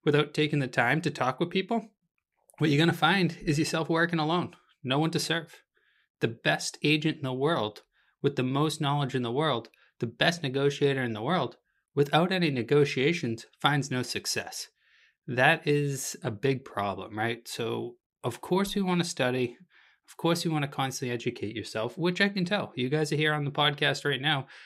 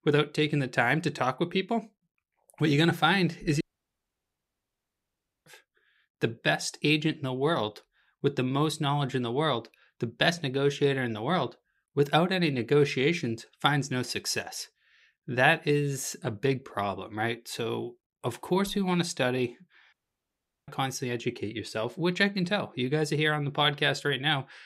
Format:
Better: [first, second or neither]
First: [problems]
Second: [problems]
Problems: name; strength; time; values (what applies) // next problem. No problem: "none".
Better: first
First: none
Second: audio cutting out; at 3.5 s for 2 s and at 20 s for 1 s